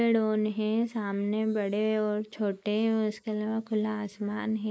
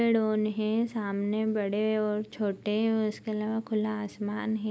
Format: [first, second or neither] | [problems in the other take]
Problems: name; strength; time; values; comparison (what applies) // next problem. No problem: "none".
second | noise reduction (neural mask model Resemble Enhance denoiser)